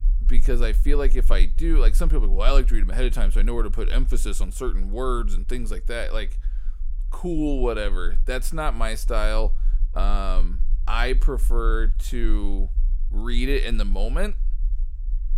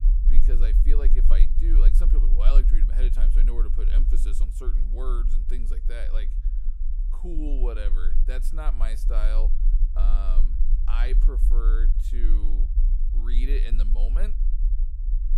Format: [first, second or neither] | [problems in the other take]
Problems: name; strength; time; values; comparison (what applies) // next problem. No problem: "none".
first | low rumble; loud; throughout; 9 dB below the speech; faint in the first